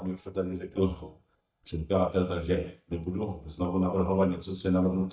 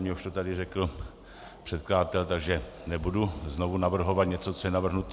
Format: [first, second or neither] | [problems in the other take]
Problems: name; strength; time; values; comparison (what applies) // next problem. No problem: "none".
second | noise reduction (neural mask model DeepFilterNet 3)